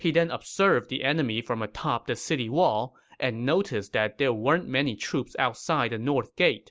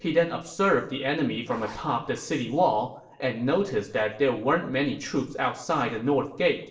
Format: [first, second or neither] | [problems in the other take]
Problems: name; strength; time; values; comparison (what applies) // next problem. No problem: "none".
first | noise reduction (neural separator model SepFormer DNS4)